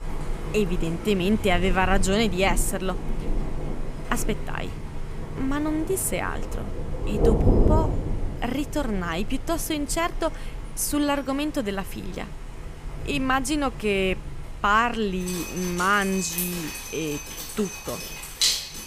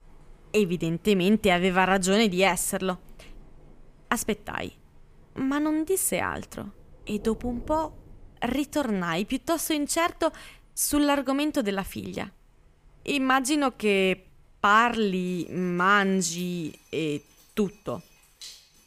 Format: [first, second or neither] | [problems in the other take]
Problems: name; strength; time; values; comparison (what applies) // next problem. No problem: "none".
second | rain or running water; loud; throughout; 4 dB below the speech; faint in the second